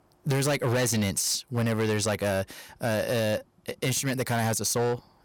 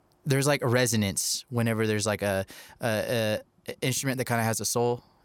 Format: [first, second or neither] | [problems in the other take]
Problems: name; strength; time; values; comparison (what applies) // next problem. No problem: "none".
second | distortion; slight; 13% of the sound clipped